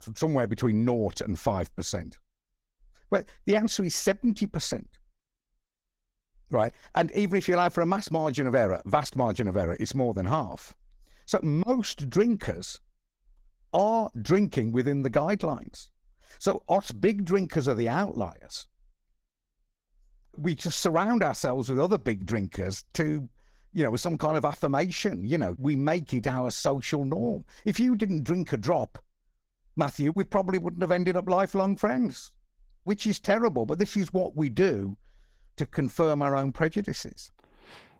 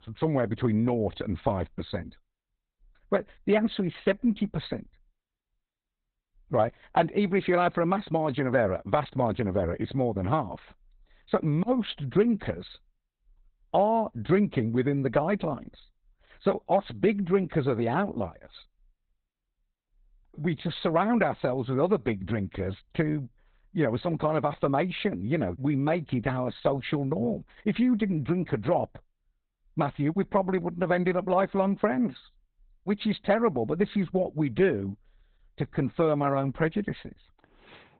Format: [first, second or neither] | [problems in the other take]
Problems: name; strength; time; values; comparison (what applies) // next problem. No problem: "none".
first | garbled, watery; badly; nothing above 4 kHz; slightly in the first